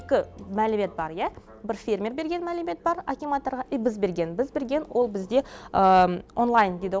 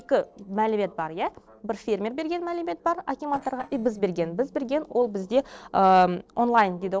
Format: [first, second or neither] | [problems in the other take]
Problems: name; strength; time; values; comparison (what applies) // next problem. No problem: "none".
first | noise reduction (neural separator model SepFormer DNS4)